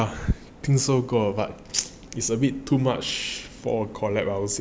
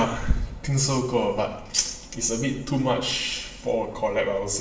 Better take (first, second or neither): first